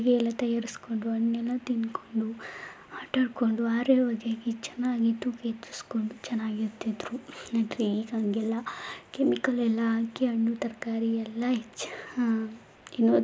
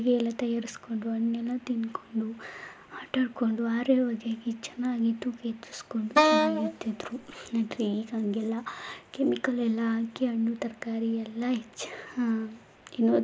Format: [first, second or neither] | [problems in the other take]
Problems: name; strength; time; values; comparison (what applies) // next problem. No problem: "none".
first | background sound (Wind instrument, woodwind instrument); 4 dB above the speech